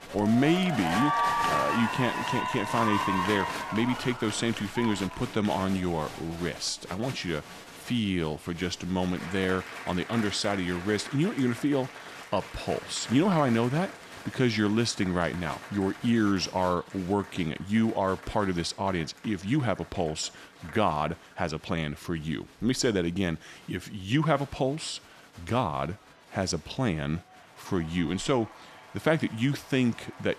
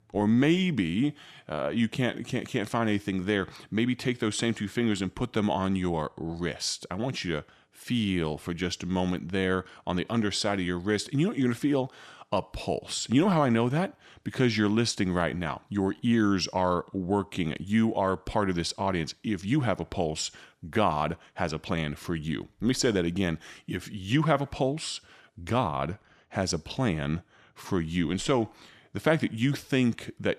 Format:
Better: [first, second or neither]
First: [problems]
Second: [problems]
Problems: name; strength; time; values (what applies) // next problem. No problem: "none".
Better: second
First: crowd noise; loud; throughout; 6 dB below the speech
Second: none